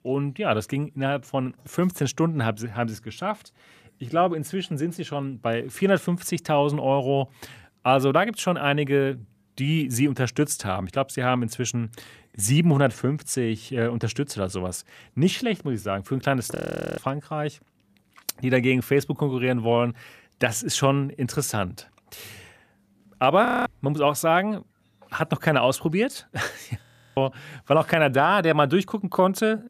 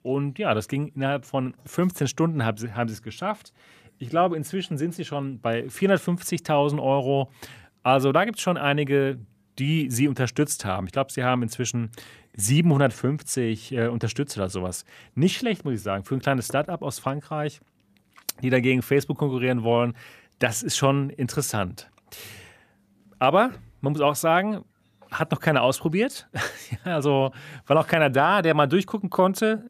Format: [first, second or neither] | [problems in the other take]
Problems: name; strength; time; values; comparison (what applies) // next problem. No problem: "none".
second | audio freezing; at 17 s, at 23 s and at 27 s